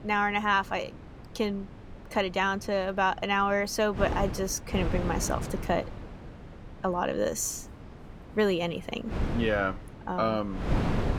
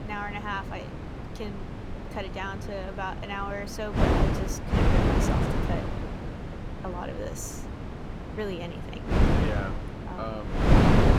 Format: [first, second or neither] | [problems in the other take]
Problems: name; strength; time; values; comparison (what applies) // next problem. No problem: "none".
first | wind noise on the microphone; heavy; 3 dB above the speech; occasional gusts in the first